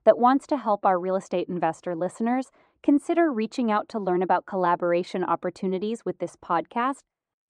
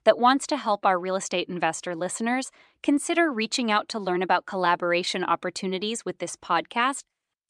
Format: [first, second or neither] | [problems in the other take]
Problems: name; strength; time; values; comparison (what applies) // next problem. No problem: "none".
second | muffled; slightly; fading above 1.5 kHz